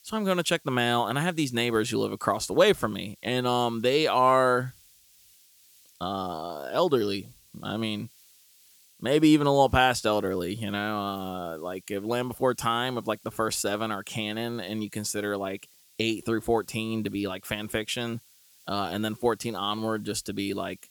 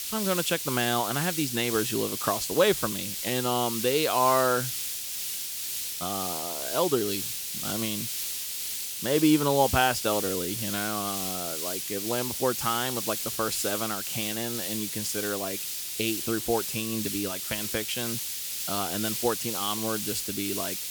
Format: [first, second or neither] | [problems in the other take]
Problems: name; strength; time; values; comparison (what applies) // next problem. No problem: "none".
first | hiss; loud; throughout; 1 dB below the speech; faint in the first